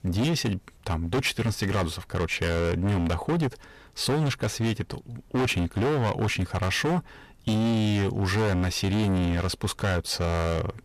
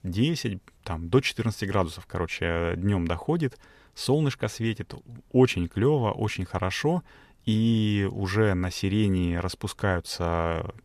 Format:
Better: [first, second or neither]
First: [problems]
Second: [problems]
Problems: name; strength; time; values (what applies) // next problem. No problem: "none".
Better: second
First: distortion; heavy; 22% of the sound clipped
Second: none